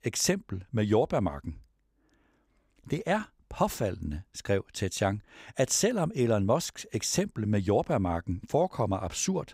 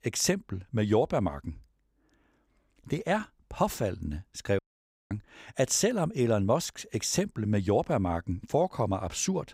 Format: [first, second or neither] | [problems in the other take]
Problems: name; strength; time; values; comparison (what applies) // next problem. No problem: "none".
first | audio cutting out; at 4.5 s for 0.5 s